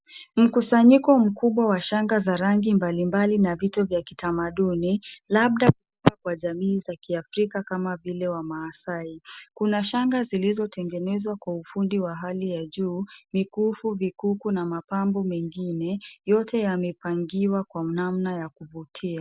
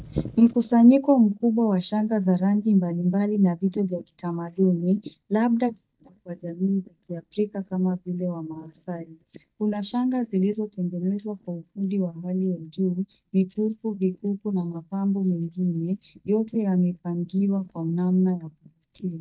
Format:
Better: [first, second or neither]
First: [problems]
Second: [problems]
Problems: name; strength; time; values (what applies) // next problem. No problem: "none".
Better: first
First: none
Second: noise reduction (neural mask model DeepFilterNet 3)